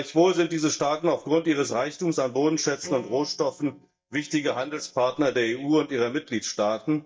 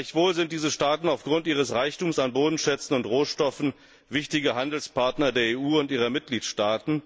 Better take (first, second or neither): second